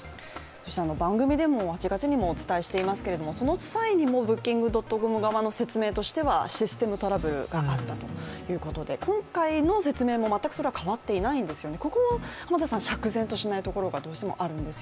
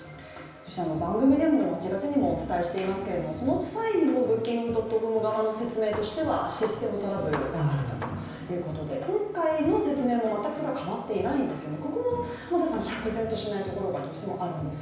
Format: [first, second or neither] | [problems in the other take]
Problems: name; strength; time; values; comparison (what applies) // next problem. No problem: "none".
first | background sound (Hammer); 14 dB below the speech // room echo; dies away in 0.9 s